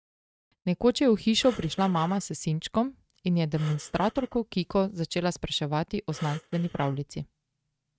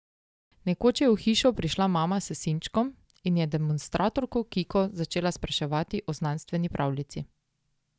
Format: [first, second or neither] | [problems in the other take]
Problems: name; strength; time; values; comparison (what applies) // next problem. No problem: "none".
second | noise reduction (neural mask model RNNoise)